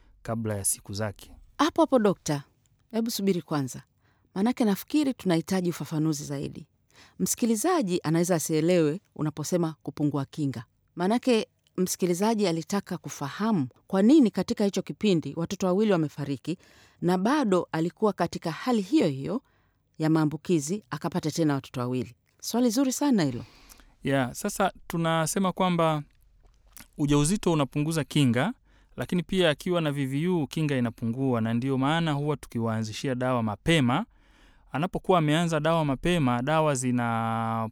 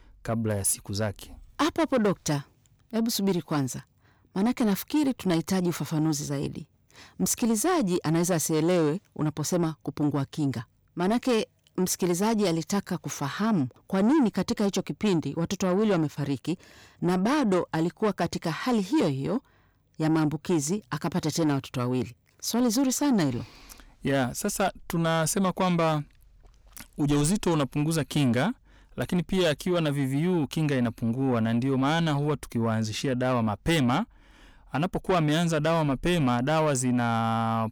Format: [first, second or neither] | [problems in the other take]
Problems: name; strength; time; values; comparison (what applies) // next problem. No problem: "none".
first | distortion; slight; 10 dB below the speech